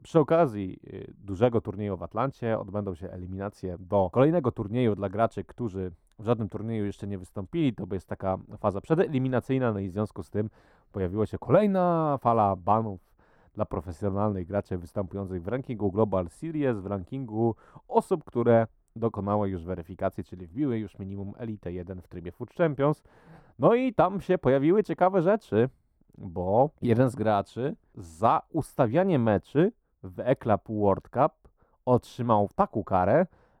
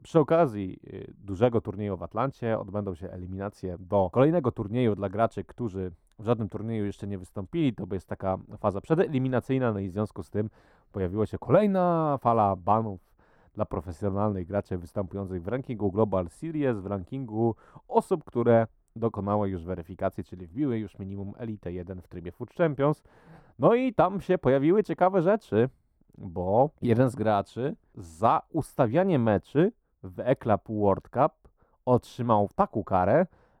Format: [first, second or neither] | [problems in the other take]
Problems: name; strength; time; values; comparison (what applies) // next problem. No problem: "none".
neither | muffled; very; fading above 2 kHz; the same in both